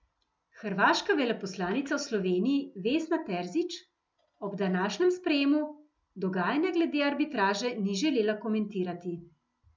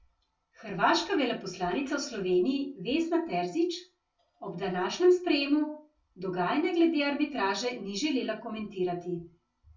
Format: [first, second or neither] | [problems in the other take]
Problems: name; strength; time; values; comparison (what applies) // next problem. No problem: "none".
first | room echo; dies away in 0.2 s